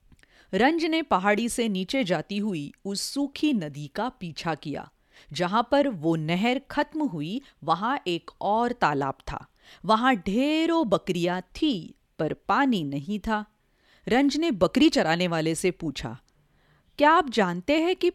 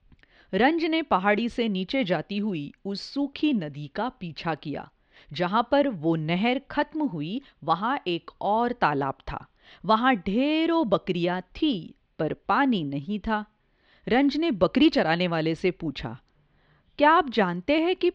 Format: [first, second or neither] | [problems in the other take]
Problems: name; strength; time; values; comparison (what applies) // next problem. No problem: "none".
first | muffled; very slightly; fading above 4 kHz